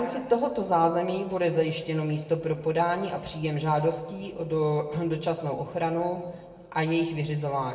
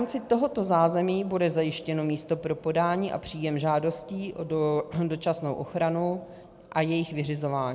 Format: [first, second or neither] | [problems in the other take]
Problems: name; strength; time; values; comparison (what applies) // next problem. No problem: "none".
second | room echo; dies away in 1.2 s